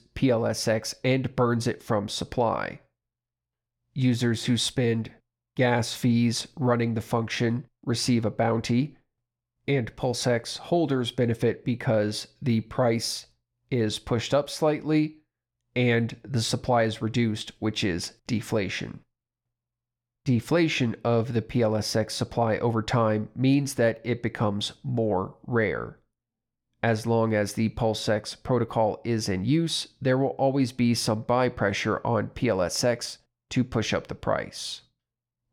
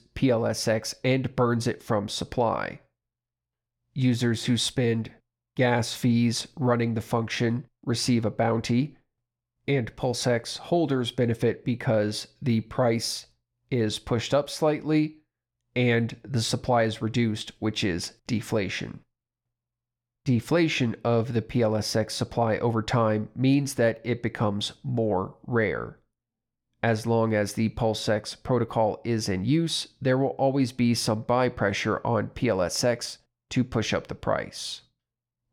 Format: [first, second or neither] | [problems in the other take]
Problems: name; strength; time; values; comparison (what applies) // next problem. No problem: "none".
neither | none